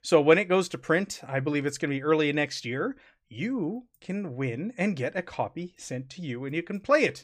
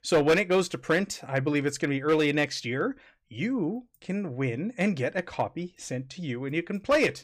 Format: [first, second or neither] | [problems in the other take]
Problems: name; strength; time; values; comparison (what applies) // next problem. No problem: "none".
first | distortion; slight; 3% of the sound clipped